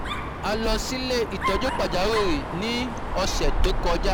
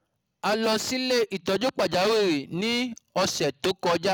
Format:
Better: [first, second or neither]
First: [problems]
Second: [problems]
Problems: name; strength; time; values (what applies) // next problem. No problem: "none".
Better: second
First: background sound (Dog); 1 dB above the speech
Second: none